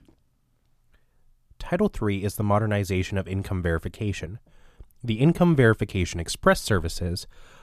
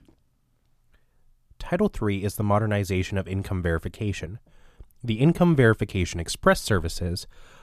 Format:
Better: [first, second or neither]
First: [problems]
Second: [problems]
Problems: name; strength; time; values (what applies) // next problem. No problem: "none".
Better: neither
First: none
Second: none